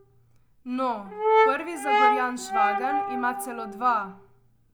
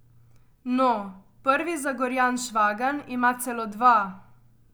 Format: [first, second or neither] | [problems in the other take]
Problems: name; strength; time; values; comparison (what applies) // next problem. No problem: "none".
second | background sound (Brass instrument); 4 dB above the speech